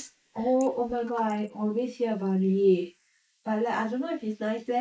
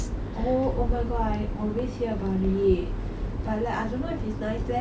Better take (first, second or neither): second